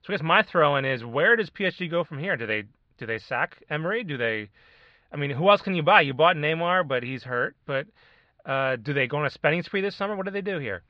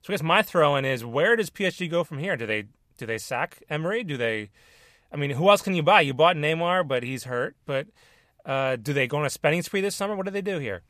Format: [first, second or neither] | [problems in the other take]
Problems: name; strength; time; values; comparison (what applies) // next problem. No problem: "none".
second | muffled; slightly; fading above 4 kHz